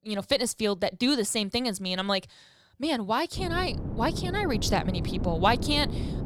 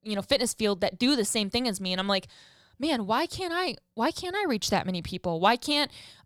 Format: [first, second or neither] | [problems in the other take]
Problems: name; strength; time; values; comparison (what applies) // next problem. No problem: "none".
second | wind noise on the microphone; occasional gusts; from 3.5 s on; 15 dB below the speech